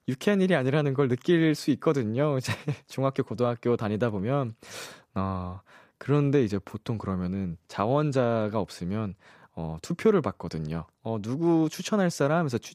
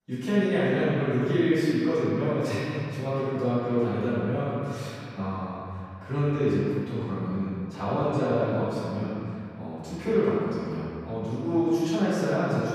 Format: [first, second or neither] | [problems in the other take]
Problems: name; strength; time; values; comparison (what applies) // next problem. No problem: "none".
first | off-mic speech; far // room echo; strong; dies away in 2.4 s